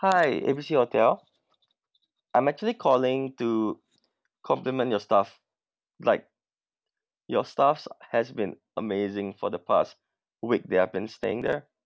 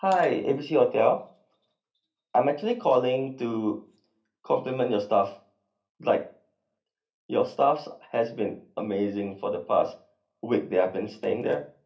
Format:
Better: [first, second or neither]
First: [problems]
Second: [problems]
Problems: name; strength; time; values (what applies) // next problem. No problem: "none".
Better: first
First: none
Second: room echo; dies away in 0.3 s